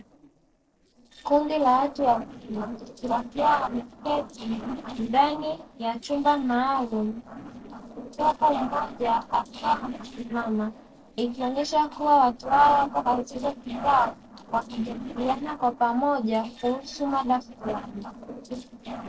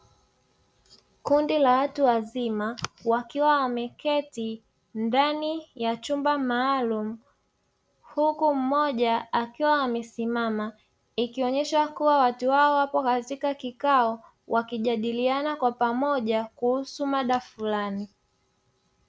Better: second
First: noise reduction (neural separator model SepFormer DNS4)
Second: none

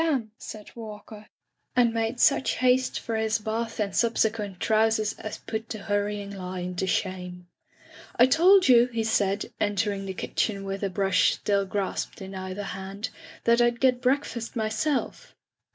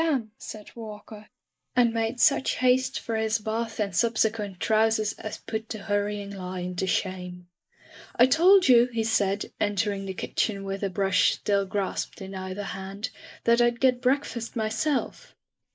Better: first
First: none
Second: noise reduction (neural mask model Resemble Enhance denoiser)

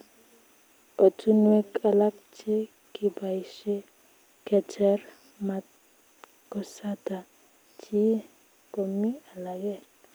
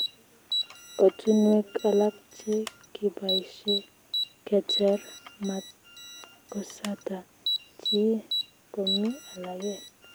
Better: first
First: none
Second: background sound (Alarm); 7 dB below the speech

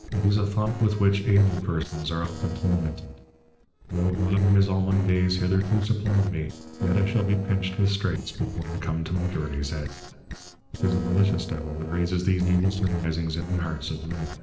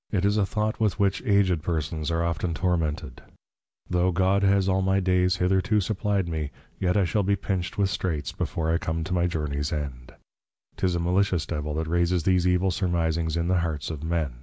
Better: second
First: noise reduction (neural separator model SepFormer DNS4)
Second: none

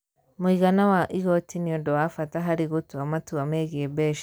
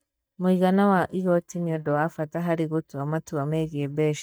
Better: first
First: none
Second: noise reduction (neural mask model DeepFilterNet 3)

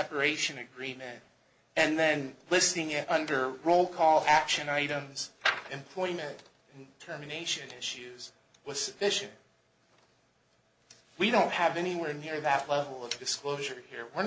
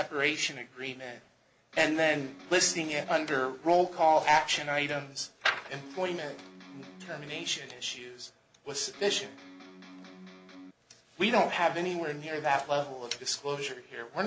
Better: first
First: none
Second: background sound (Electric guitar); 18 dB below the speech

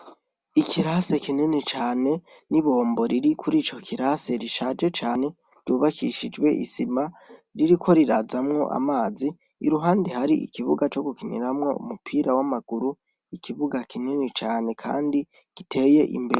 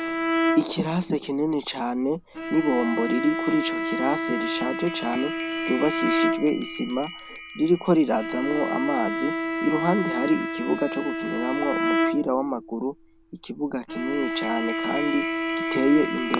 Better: first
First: none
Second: background sound (Bell + Bowed string instrument); 2 dB below the speech

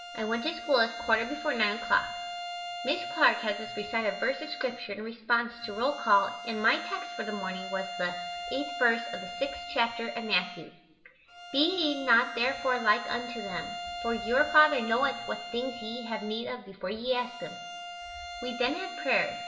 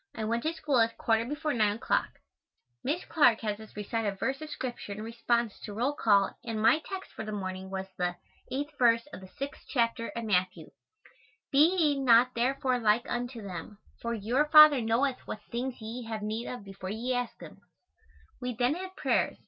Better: second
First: background sound (Bowed string instrument); 9 dB below the speech // room echo; dies away in 0.9 s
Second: none

